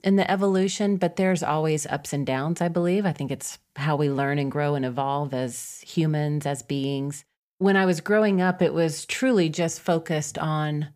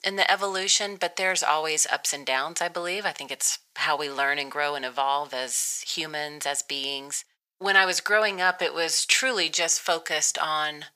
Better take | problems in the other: first | thin; very; fading below 950 Hz

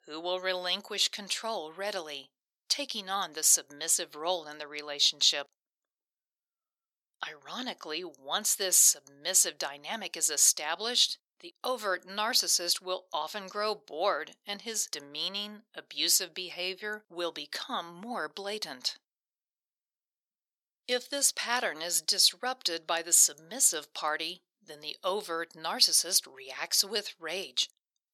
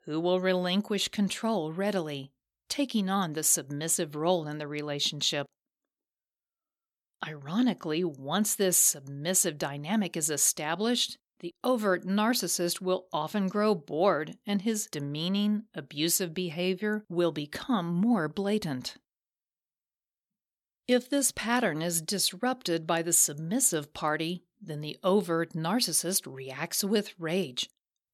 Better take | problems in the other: second | thin; very; fading below 600 Hz

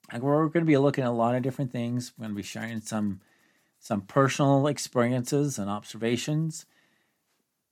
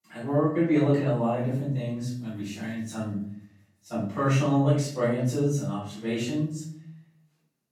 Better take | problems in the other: first | off-mic speech; far // room echo; noticeable; dies away in 0.6 s

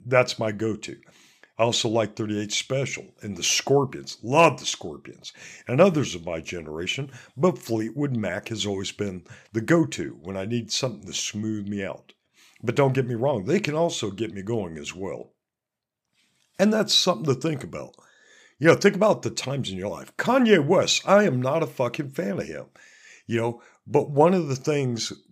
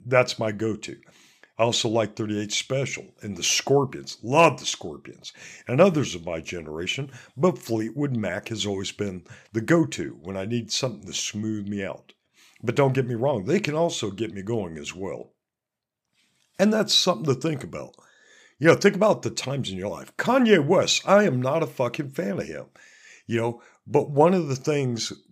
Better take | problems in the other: neither | none

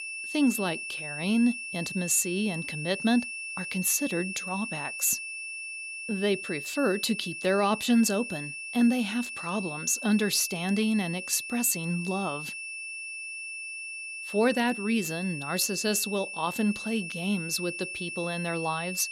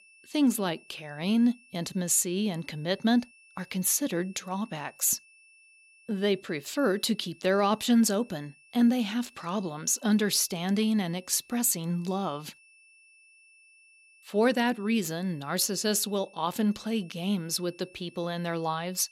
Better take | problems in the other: second | high-pitched whine; loud; throughout; 2.5 kHz, 7 dB below the speech; faint in the second

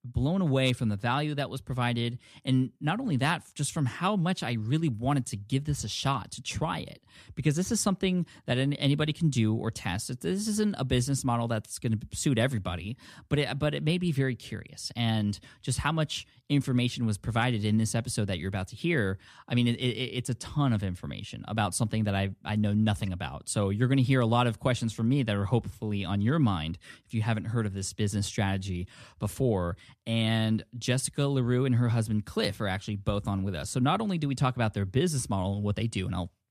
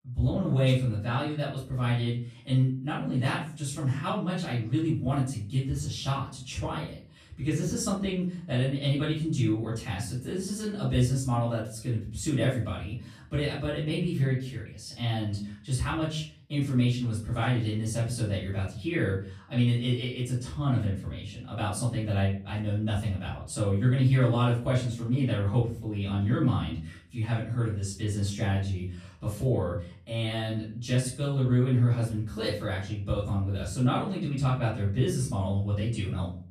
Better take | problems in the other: first | off-mic speech; far // room echo; noticeable; dies away in 0.4 s

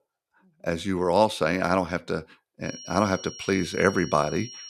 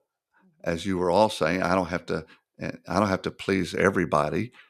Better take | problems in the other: second | high-pitched whine; noticeable; from 2.5 s on; 5.5 kHz, 15 dB below the speech

